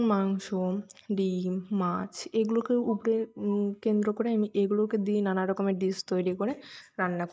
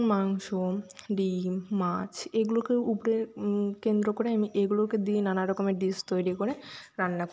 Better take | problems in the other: second | noise reduction (neural mask model DeepFilterNet 3)

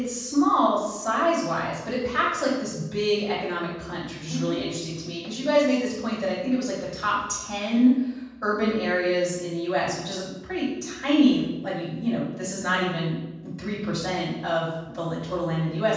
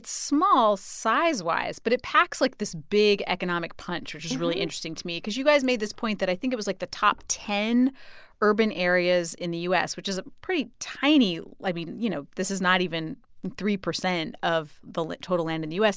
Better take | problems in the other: second | room echo; dies away in 1.2 s

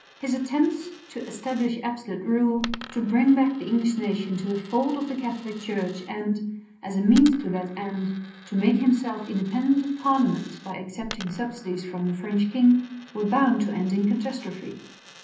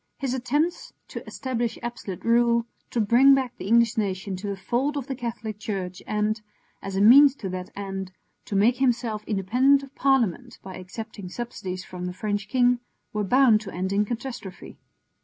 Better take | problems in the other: second | background sound (Coin (dropping)); 20 dB below the speech // room echo; dies away in 0.6 s

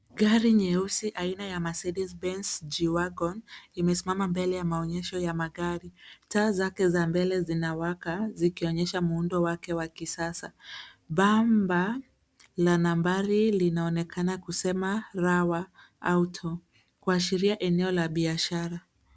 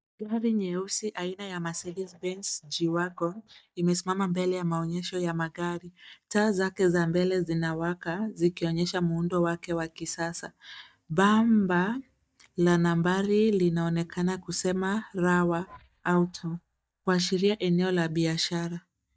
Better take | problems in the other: first | noise reduction (neural mask model DeepFilterNet 3)

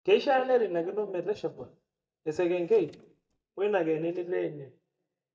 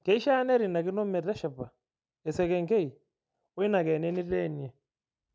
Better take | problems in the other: second | noise reduction (neural mask model DeepFilterNet 3)

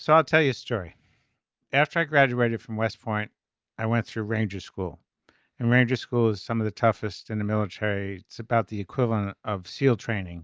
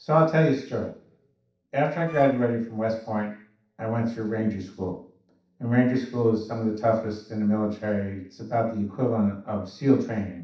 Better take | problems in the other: first | noise reduction (neural separator model SepFormer DNS4)

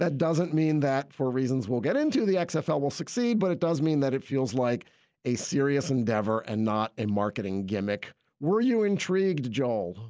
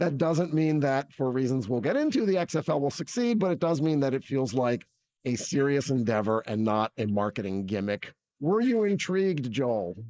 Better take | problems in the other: first | noise reduction (neural mask model Resemble Enhance denoiser)

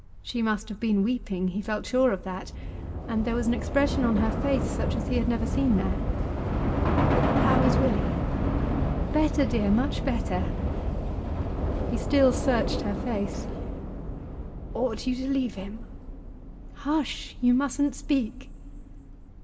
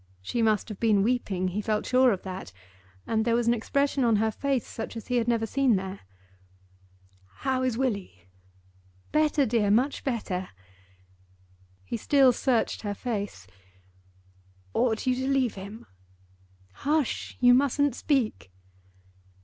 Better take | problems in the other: second | background sound (Subway, metro, underground / Train); as loud as the speech // room echo; dies away in 1.7 s

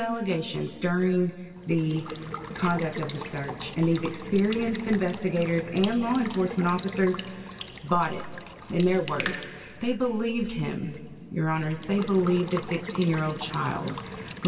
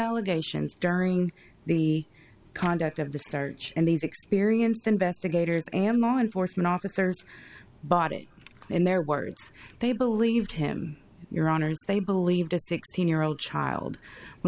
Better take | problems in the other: second | background sound (Water tap, faucet / Water / Liquid); 13 dB below the speech // room echo; dies away in 2.3 s

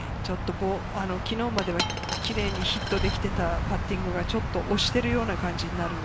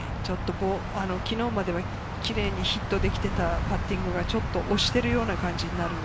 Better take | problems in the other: second | background sound (Coin (dropping)); 10 dB below the speech

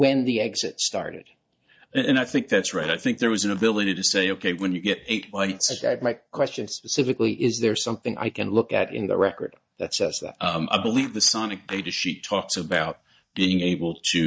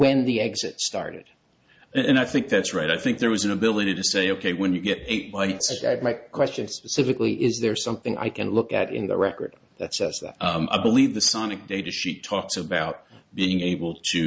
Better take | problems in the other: second | noise reduction (neural mask model DeepFilterNet 3)

